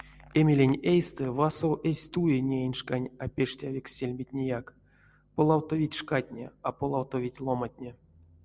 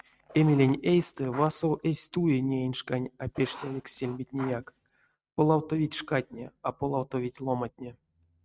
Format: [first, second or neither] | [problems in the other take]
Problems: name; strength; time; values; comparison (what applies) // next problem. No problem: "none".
first | noise reduction (neural mask model RNNoise)